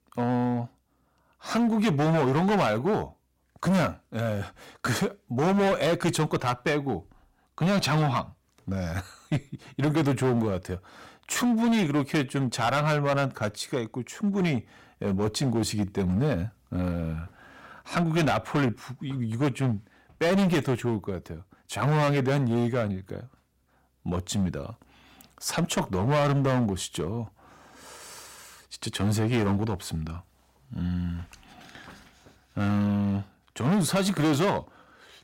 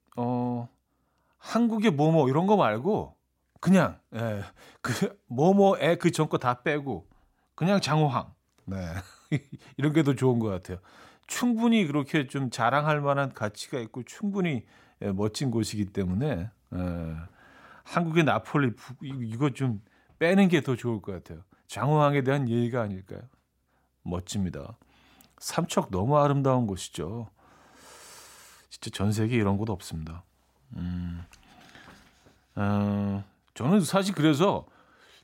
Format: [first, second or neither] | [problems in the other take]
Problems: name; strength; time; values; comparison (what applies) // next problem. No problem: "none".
second | distortion; heavy; 11% of the sound clipped